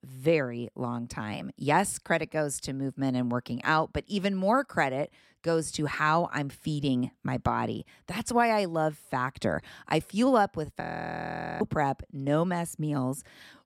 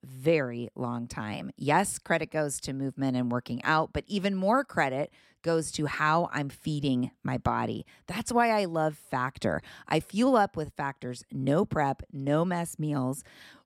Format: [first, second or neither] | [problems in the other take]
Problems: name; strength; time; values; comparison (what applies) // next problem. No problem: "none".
second | audio freezing; at 11 s for 1 s